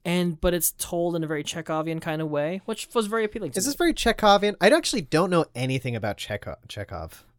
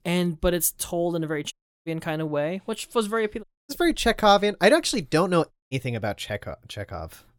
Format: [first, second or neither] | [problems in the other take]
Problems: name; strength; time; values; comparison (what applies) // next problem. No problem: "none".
first | audio cutting out; at 1.5 s, at 3.5 s and at 5.5 s